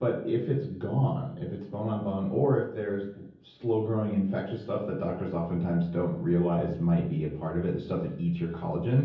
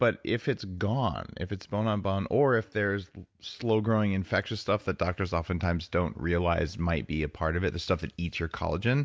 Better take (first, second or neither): second